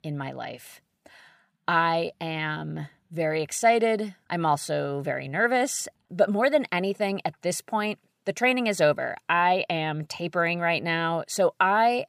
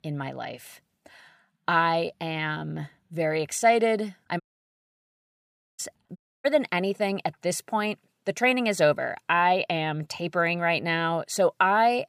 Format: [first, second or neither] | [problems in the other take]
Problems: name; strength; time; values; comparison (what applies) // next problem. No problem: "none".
first | audio cutting out; at 4.5 s for 1.5 s and at 6 s